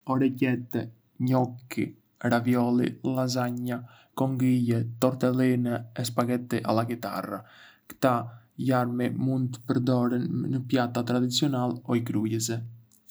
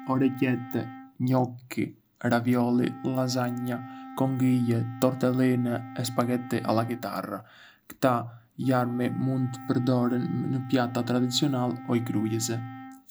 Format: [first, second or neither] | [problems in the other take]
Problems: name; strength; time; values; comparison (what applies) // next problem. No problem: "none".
first | background sound (Wind instrument, woodwind instrument); 16 dB below the speech